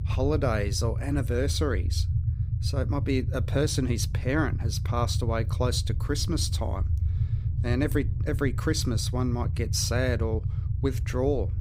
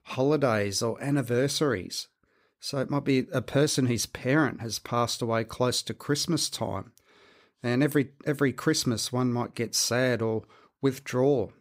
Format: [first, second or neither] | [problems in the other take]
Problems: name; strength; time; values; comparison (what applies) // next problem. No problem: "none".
second | low rumble; noticeable; throughout; 15 dB below the speech